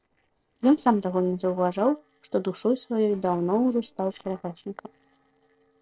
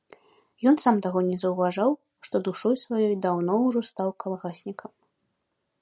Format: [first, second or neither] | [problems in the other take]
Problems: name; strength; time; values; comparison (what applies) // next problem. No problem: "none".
second | noise reduction (neural separator model SepFormer DNS4)